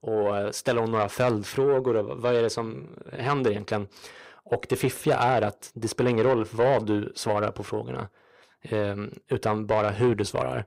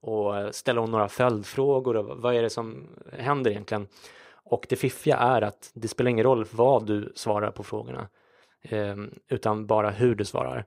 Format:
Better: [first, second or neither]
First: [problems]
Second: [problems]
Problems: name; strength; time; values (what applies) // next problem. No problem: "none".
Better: second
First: distortion; slight; 10 dB below the speech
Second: none